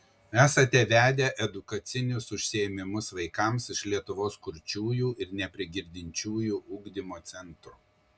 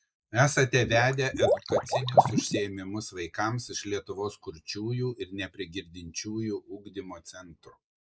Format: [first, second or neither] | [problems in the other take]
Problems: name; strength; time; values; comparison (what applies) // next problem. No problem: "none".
first | noise reduction (neural mask model Resemble Enhance denoiser)